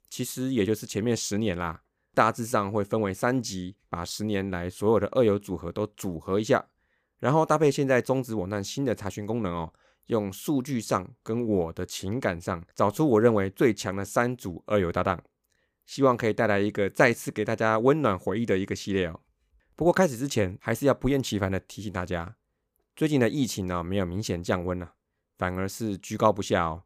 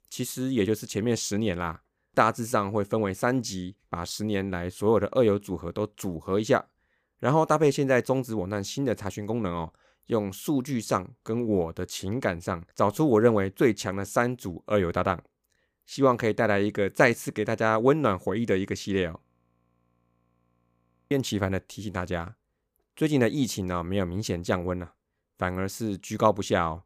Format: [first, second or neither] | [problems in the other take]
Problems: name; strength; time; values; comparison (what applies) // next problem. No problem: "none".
first | audio freezing; at 19 s for 2 s